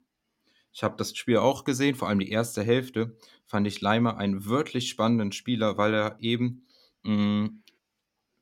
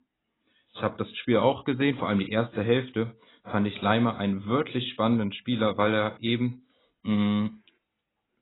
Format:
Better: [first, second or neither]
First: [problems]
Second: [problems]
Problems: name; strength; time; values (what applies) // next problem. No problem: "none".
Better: first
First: none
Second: garbled, watery; badly; nothing above 4 kHz